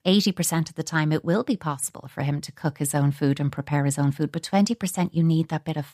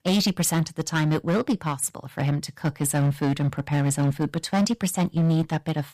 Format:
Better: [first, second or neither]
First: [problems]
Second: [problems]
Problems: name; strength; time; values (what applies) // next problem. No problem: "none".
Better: first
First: none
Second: distortion; slight; 11% of the sound clipped